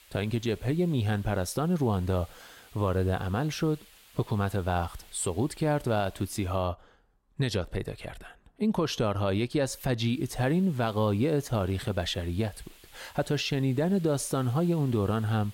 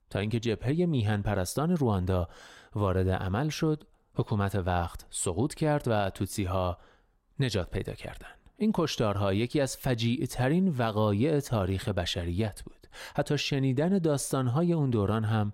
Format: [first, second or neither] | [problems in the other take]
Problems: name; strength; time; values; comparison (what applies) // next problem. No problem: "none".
second | hiss; faint; until 6.5 s and from 10 s on; 25 dB below the speech